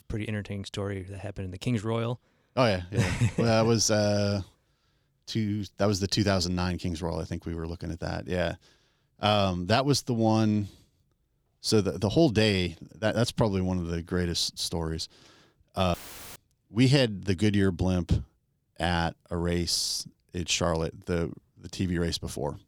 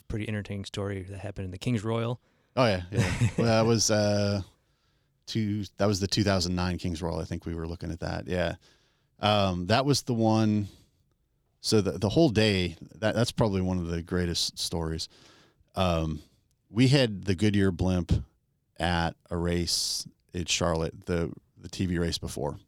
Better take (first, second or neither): second